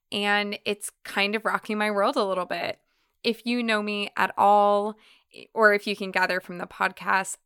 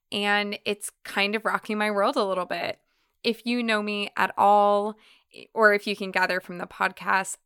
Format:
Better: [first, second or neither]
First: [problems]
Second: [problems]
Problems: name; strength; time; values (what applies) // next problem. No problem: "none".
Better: neither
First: none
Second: none